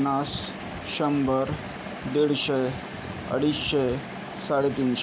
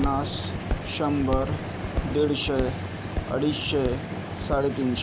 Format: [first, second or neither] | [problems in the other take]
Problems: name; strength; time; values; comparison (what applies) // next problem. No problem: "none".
first | background sound (Walk, footsteps + Drum); 4 dB below the speech